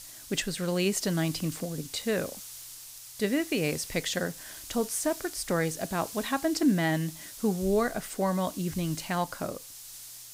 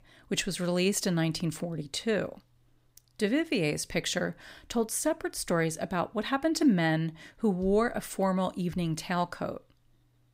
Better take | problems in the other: second | hiss; noticeable; throughout; 10 dB below the speech

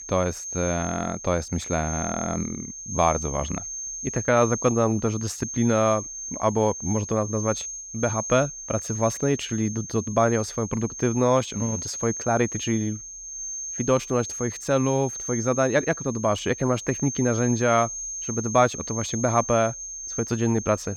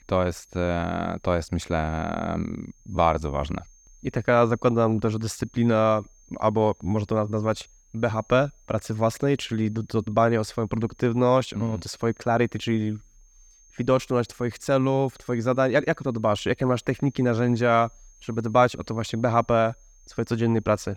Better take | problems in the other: second | high-pitched whine; loud; throughout; 6.5 kHz, 7 dB below the speech; faint in the second

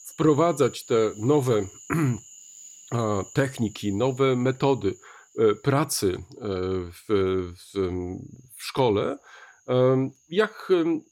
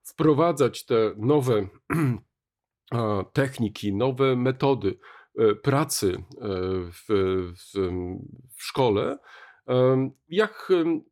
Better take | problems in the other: second | animal sounds; faint; throughout; 20 dB below the speech

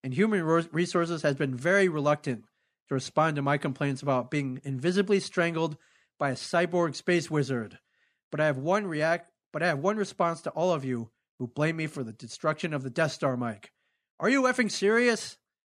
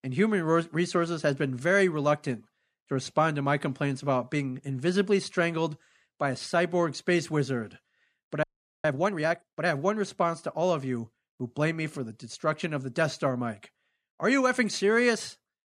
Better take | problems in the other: first | audio freezing; at 8.5 s

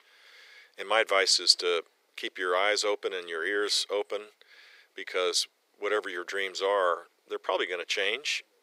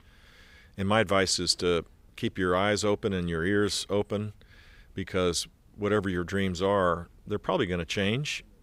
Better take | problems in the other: second | thin; very; fading below 400 Hz

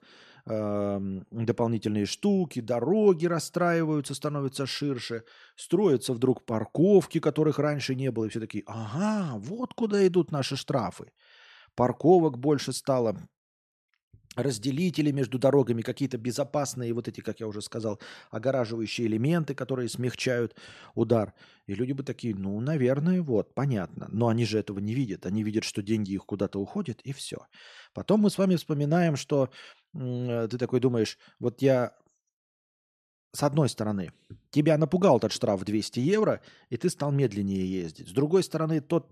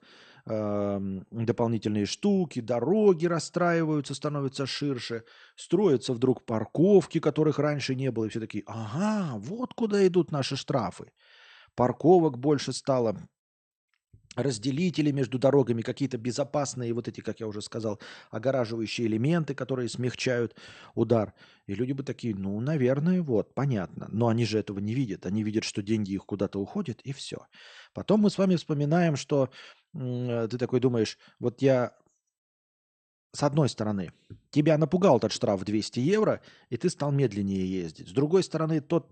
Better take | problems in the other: first | garbled, watery; slightly; nothing above 8.5 kHz

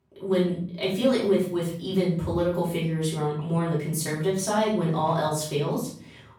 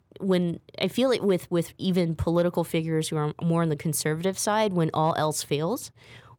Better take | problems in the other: second | off-mic speech; far // room echo; noticeable; dies away in 0.4 s

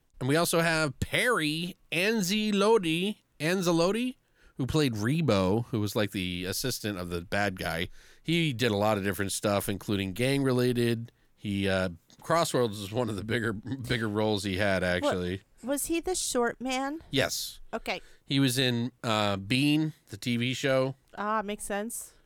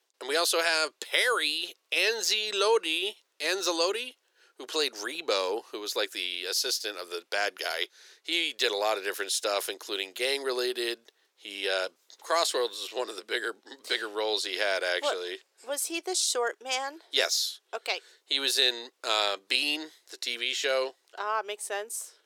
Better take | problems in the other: first | thin; very; fading below 400 Hz

